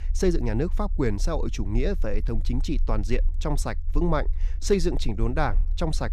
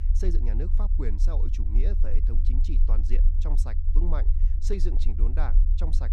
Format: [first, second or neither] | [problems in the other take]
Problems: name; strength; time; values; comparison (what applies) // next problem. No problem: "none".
first | low rumble; loud; throughout; 7 dB below the speech; faint in the first